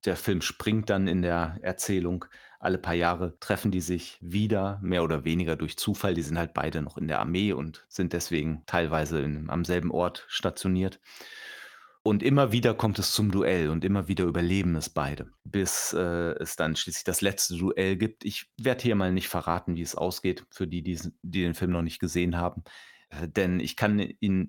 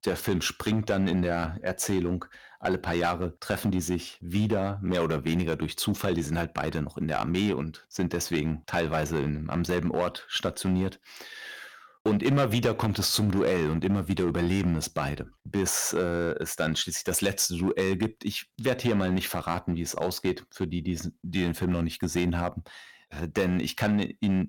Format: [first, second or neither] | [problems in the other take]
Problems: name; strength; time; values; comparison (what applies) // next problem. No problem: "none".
first | distortion; slight; 5% of the sound clipped